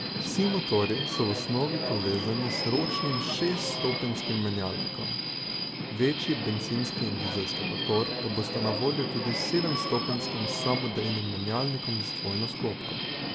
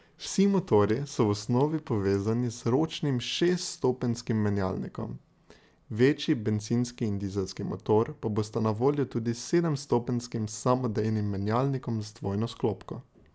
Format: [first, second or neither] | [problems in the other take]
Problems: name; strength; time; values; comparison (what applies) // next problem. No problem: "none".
second | background sound (Subway, metro, underground); 1 dB below the speech